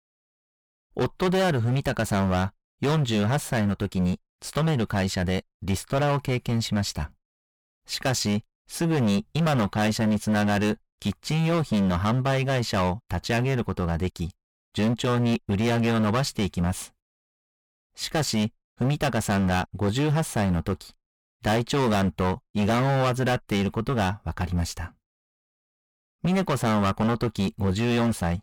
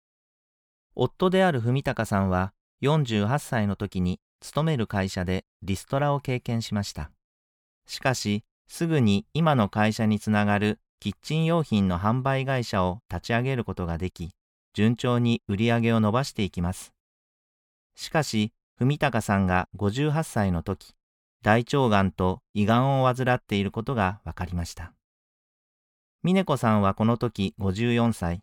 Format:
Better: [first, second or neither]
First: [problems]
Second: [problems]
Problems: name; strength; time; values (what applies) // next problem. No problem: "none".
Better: second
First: distortion; heavy; 17% of the sound clipped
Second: none